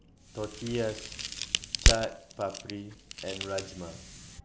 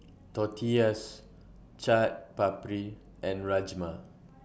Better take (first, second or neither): second